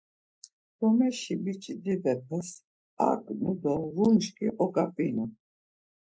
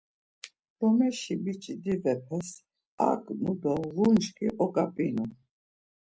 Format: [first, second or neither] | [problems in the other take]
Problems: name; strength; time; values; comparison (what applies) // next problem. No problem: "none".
second | noise reduction (neural mask model Resemble Enhance denoiser)